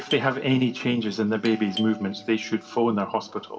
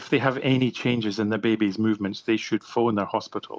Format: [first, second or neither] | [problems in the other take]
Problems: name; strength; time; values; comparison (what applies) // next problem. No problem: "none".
second | background sound (Doorbell); 16 dB below the speech // room echo; dies away in 1.5 s